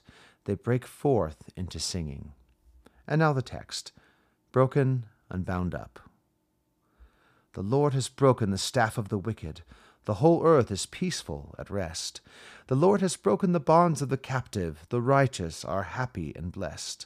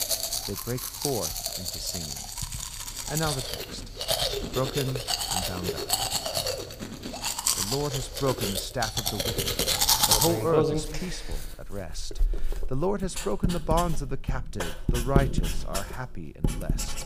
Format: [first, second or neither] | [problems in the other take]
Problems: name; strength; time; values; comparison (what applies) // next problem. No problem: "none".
first | household noises; very loud; throughout; 4 dB above the speech